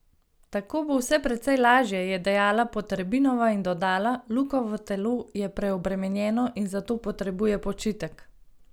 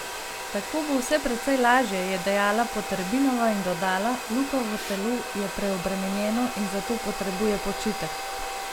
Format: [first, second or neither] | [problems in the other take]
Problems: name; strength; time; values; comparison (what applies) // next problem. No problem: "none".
first | background sound (Domestic sounds, home sounds); 7 dB below the speech